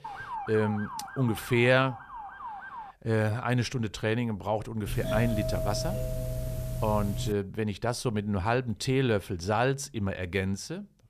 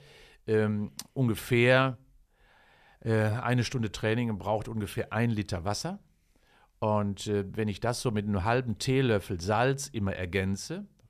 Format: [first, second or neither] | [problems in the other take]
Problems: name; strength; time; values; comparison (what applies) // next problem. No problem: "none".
second | siren; noticeable; until 3 s; peak 8 dB below the speech // doorbell; noticeable; from 5 to 7.5 s; peak 2 dB below the speech